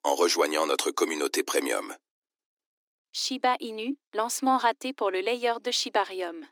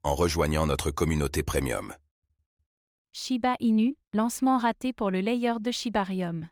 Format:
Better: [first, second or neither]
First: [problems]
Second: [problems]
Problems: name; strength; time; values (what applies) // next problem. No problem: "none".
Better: second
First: thin; somewhat; fading below 300 Hz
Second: none